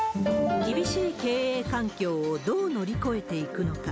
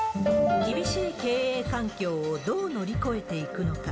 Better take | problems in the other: first | room echo; dies away in 1 s

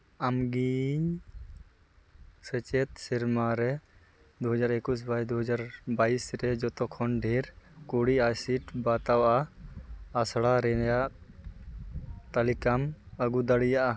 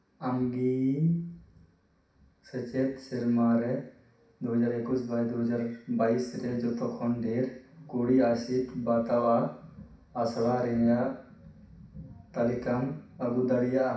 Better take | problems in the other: first | room echo; dies away in 0.6 s

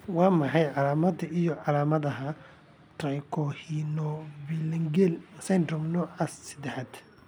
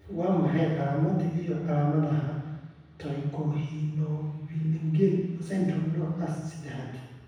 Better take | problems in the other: first | room echo; dies away in 1.1 s

